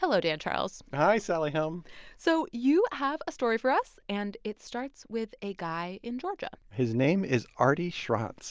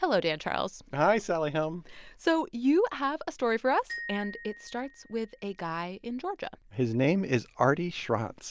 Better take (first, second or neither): first